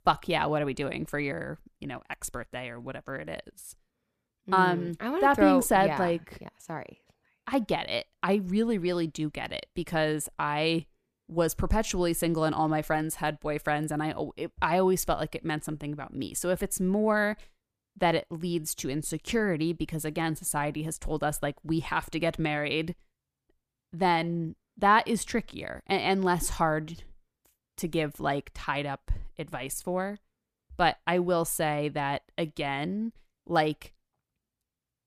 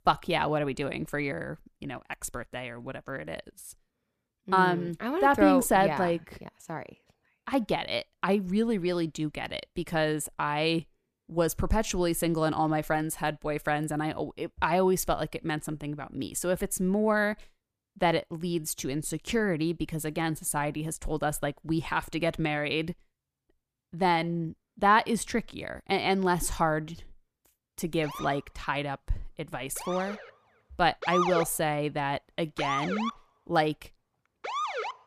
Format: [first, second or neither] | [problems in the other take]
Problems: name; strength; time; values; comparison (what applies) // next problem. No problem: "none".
first | siren; loud; from 28 s on; peak level with the speech